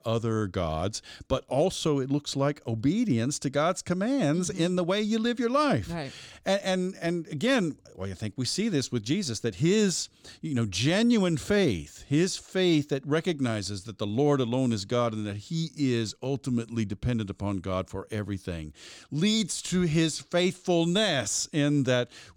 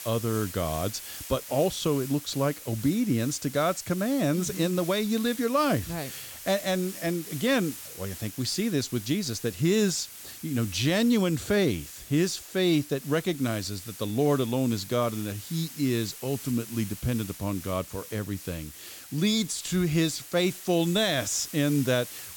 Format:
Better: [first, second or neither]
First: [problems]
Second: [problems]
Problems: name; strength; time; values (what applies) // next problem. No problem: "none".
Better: first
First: none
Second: hiss; noticeable; throughout; 10 dB below the speech